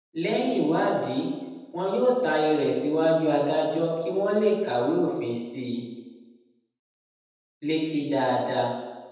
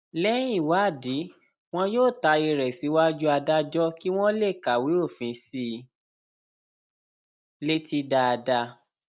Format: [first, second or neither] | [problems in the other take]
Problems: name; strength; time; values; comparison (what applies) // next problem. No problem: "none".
second | room echo; dies away in 1 s